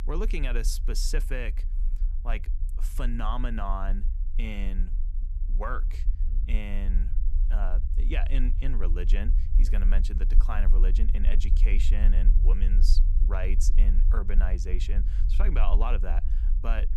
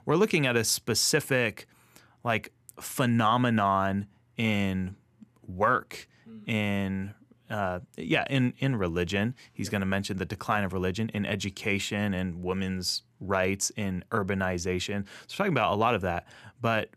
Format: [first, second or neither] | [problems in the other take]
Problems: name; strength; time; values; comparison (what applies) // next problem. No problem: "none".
second | low rumble; noticeable; throughout; 15 dB below the speech